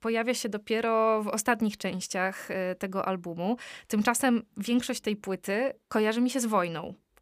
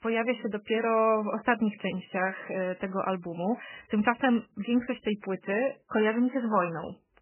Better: first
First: none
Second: garbled, watery; badly; nothing above 3 kHz

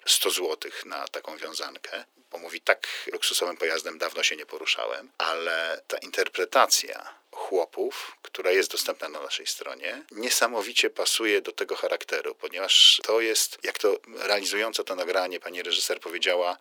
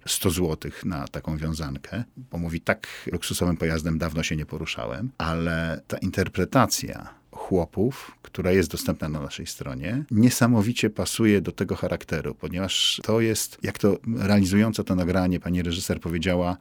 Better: second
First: thin; very; fading below 400 Hz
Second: none

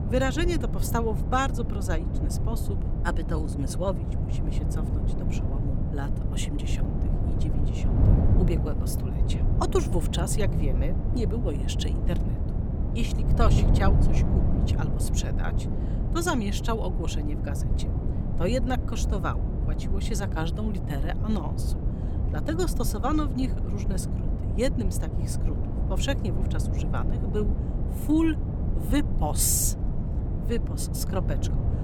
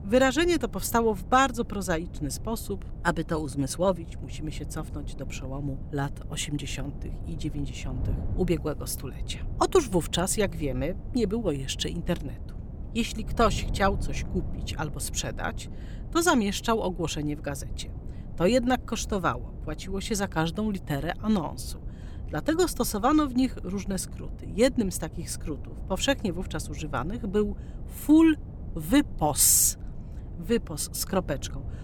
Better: second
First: wind noise on the microphone; heavy; 7 dB below the speech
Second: wind noise on the microphone; occasional gusts; 20 dB below the speech

